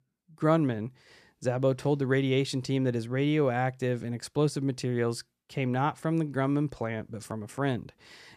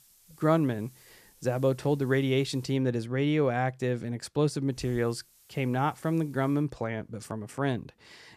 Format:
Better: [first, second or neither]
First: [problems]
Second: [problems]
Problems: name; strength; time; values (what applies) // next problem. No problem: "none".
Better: first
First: none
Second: hiss; faint; until 2.5 s and from 5 to 6.5 s; 25 dB below the speech